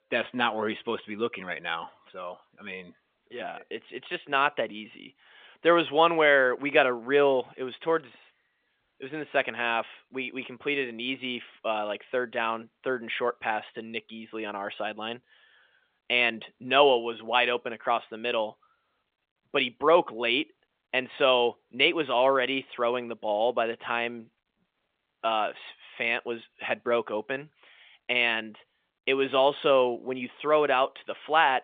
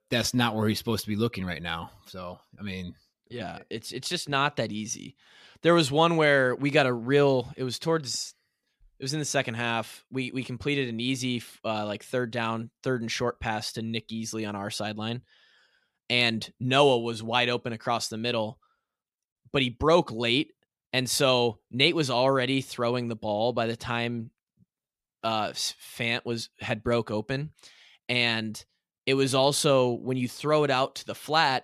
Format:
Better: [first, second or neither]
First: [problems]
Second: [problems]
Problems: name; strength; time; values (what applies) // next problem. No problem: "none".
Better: second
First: phone-call audio; nothing above 3 kHz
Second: none